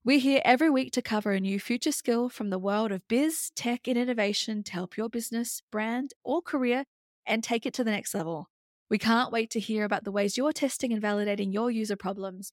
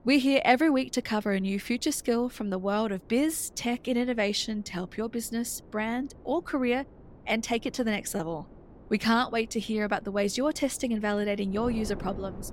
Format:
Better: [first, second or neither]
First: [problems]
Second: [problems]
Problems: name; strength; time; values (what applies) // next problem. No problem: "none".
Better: first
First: none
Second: wind noise on the microphone; occasional gusts; 25 dB below the speech